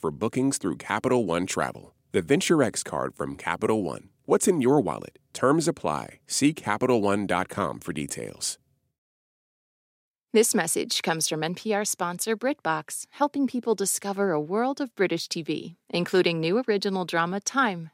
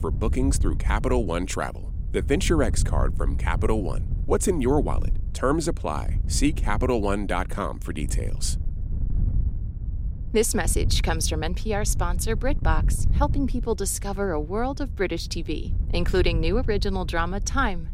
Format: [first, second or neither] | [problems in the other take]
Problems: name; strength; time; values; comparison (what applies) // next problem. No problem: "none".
first | wind noise on the microphone; occasional gusts; 20 dB below the speech